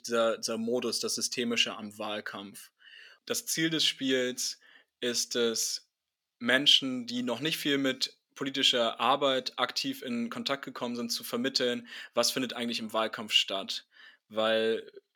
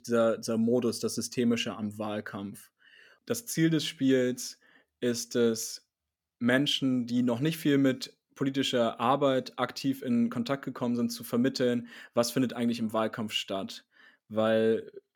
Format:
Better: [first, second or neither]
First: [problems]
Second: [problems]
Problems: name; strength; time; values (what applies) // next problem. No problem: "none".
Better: second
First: thin; very slightly; fading below 500 Hz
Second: none